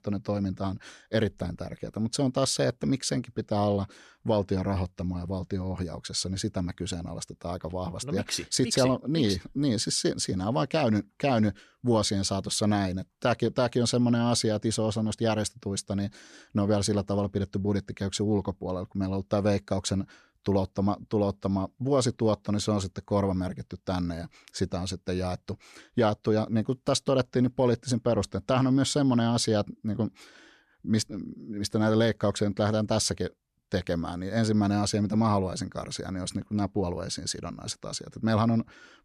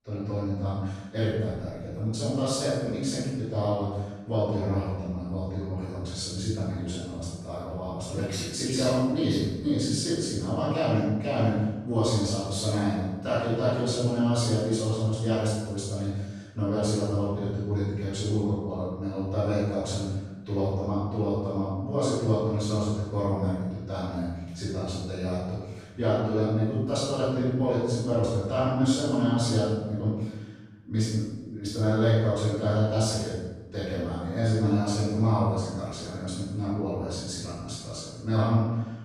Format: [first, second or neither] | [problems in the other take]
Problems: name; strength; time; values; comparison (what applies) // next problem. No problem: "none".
first | off-mic speech; far // room echo; strong; dies away in 1 s